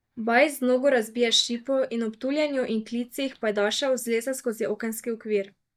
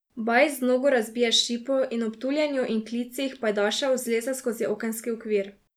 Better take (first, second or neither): second